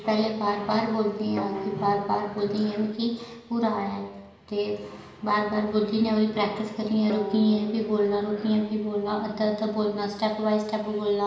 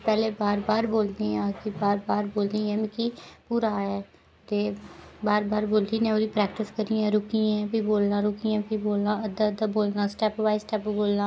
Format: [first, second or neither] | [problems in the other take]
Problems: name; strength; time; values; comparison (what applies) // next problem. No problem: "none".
second | background sound (Guitar); 12 dB below the speech // room echo; dies away in 1.1 s